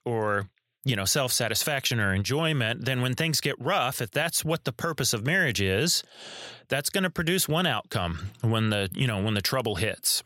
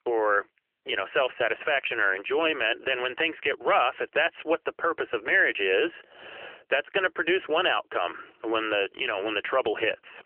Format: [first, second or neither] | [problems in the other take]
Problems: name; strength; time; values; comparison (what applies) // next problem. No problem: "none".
first | phone-call audio; nothing above 3 kHz